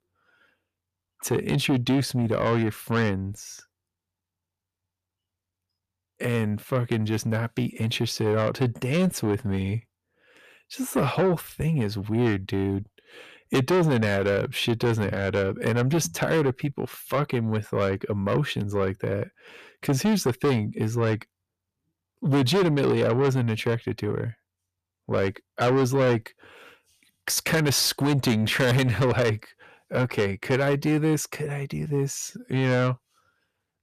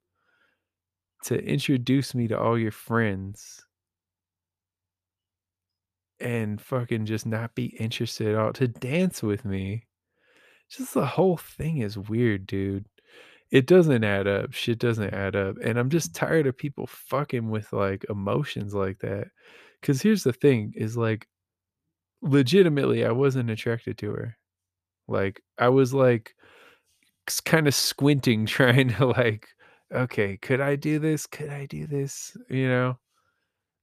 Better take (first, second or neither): second